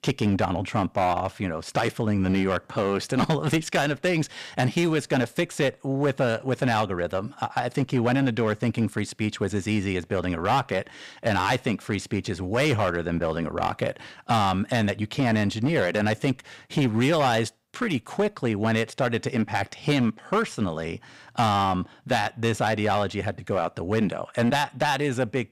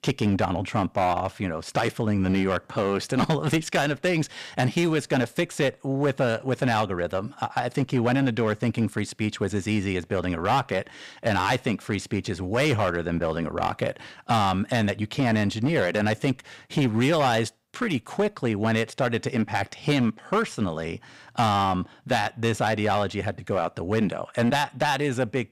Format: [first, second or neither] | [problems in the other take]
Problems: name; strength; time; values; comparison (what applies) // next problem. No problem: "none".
neither | distortion; slight; 9% of the sound clipped; the same in both